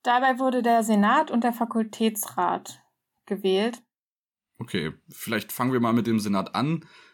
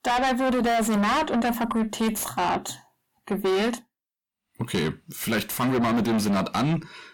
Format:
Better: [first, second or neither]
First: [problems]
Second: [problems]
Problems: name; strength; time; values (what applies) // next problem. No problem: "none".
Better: first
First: none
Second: distortion; heavy; 5 dB below the speech